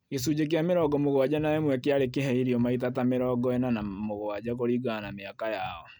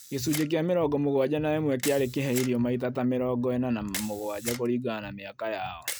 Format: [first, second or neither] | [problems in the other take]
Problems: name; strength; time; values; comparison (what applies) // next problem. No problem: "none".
first | background sound (Camera); 14 dB below the speech